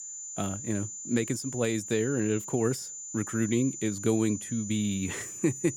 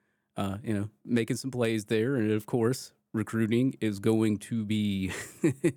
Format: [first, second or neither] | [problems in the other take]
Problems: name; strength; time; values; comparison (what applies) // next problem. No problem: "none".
second | high-pitched whine; loud; throughout; 7 kHz, 7 dB below the speech